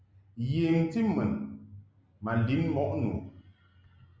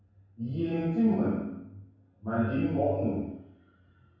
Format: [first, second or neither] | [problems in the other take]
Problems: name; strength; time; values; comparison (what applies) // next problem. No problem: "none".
first | room echo; dies away in 0.7 s